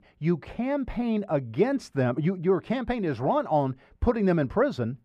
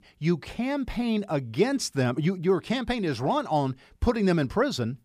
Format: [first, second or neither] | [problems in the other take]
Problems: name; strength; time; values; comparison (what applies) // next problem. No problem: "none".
second | muffled; very; fading above 3 kHz